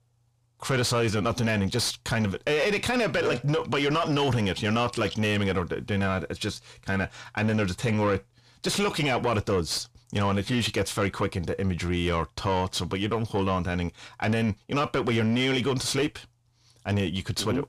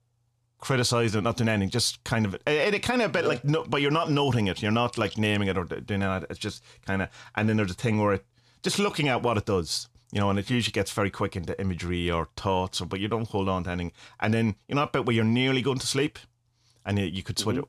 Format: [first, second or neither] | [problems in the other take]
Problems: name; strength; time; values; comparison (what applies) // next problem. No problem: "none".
second | distortion; slight; 9 dB below the speech